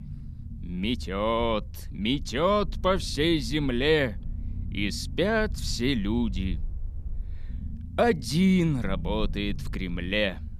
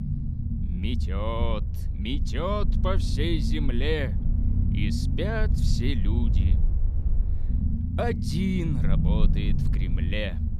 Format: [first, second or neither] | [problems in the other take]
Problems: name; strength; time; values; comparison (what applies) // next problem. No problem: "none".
first | low rumble; loud; throughout; 7 dB below the speech; faint in the first